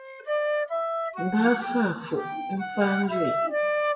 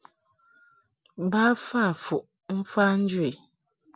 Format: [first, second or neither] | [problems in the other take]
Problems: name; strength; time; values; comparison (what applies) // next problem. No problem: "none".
second | noise reduction (classical method WPE with log-MMSE)